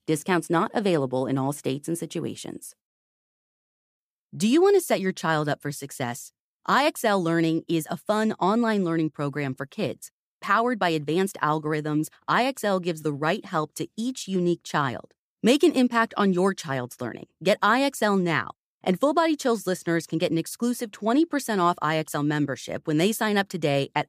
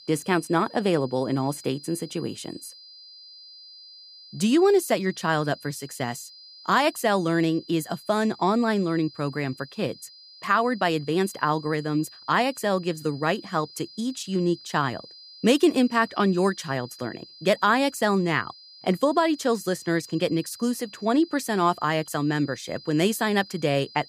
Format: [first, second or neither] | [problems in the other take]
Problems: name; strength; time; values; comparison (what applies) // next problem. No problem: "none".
first | high-pitched whine; noticeable; throughout; 5 kHz, 20 dB below the speech